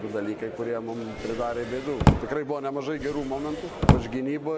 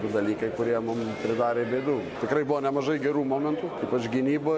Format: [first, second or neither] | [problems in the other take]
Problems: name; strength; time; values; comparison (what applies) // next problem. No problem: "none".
second | background sound (Drawer open or close); 4 dB above the speech